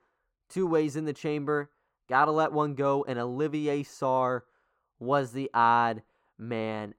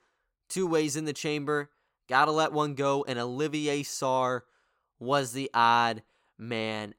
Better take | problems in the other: second | muffled; slightly; fading above 2.5 kHz

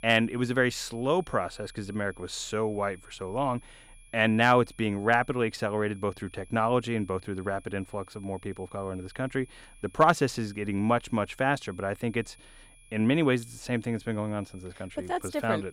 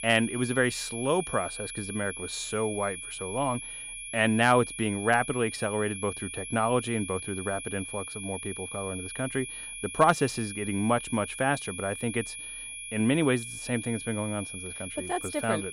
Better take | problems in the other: first | high-pitched whine; loud; throughout; 2.5 kHz, 8 dB below the speech; faint in the first

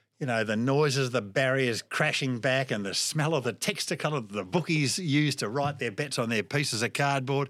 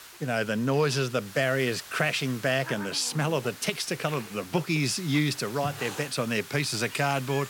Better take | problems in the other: first | hiss; noticeable; throughout; 15 dB below the speech

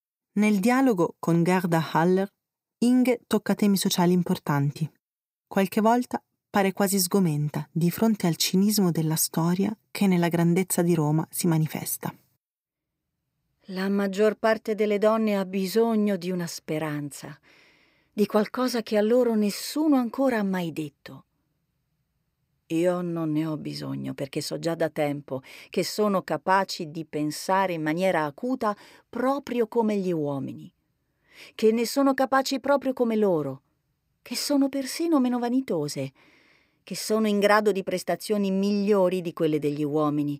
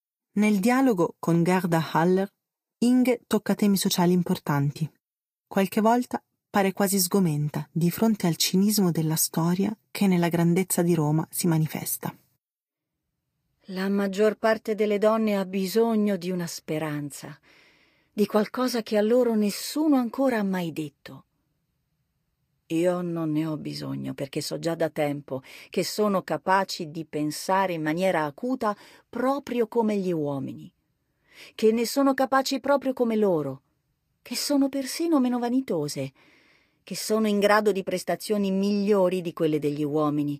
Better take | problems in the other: first | garbled, watery; slightly; nothing above 15.5 kHz

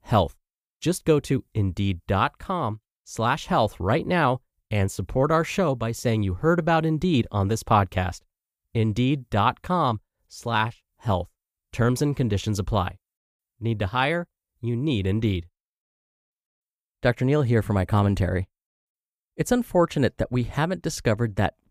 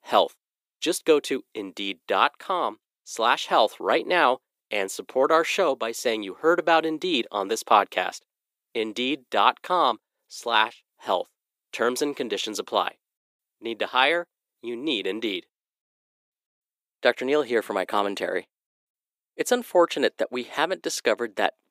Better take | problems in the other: first | thin; very; fading below 350 Hz

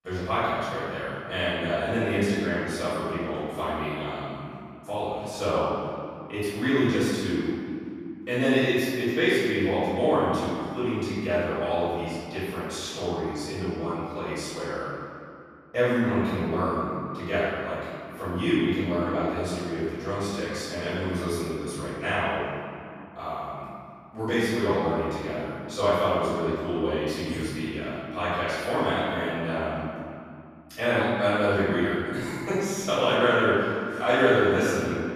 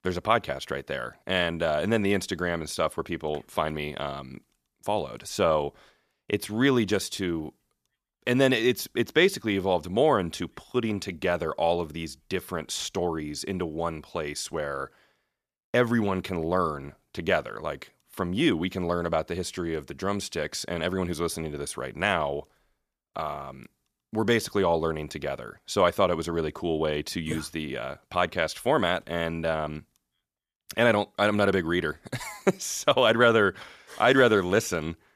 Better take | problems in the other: second | room echo; strong; dies away in 2.4 s // off-mic speech; far

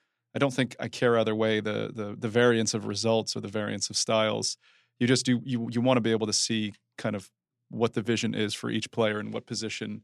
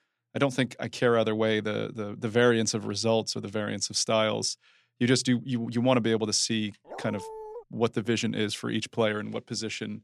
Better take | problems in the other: first | dog barking; faint; at 7 s; peak 15 dB below the speech

